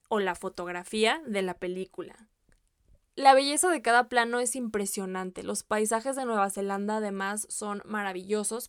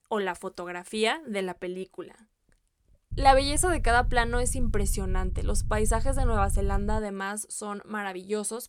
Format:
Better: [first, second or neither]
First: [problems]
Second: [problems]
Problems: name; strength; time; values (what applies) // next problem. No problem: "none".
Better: first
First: none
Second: low rumble; faint; from 3 to 7 s; 25 dB below the speech